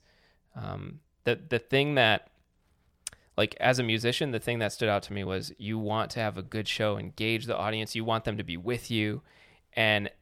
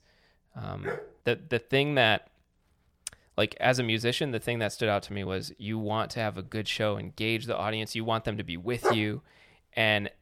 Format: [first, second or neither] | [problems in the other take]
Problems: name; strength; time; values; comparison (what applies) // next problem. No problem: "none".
first | dog barking; noticeable; at 1 s and at 9 s; peak level with the speech